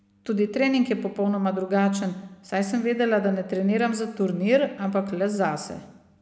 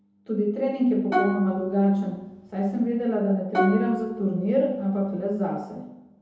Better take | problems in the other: first | background sound (Plucked string instrument); 7 dB below the speech // room echo; dies away in 0.8 s

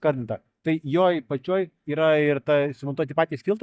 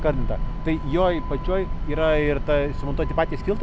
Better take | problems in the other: second | noise reduction (neural mask model DeepFilterNet 3)

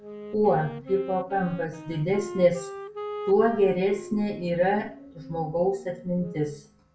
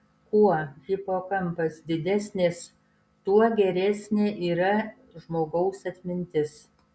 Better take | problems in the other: second | background sound (Wind instrument, woodwind instrument); 14 dB below the speech // room echo; dies away in 0.3 s

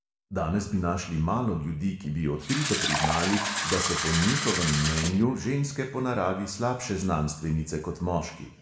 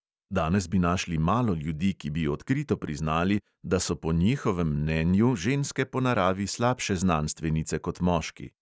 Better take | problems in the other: second | background sound (Fill (with liquid)); 2 dB below the speech // room echo; dies away in 0.8 s

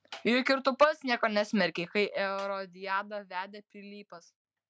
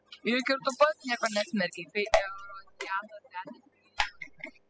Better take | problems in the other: first | noise reduction (classical method spectral subtraction)

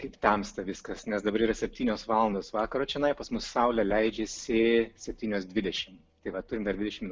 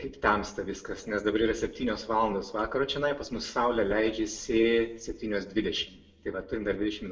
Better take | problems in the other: first | room echo; dies away in 0.7 s

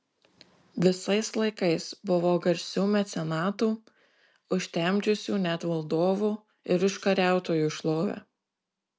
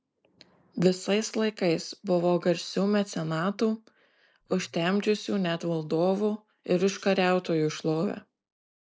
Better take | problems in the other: first | noise reduction (neural mask model Resemble Enhance denoiser)

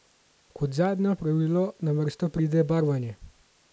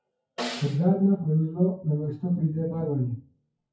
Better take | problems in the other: first | noise reduction (classical method WPE with log-MMSE)

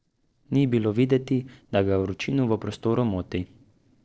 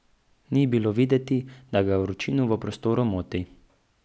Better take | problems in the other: second | noise reduction (neural separator model SepFormer DNS4)

